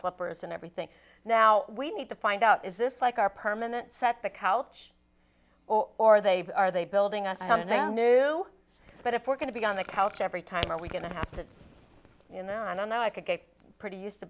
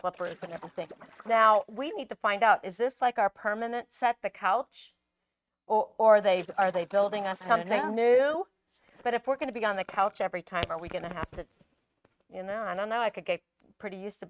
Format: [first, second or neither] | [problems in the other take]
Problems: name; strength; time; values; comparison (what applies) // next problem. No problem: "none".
first | noise reduction (neural mask model RNNoise)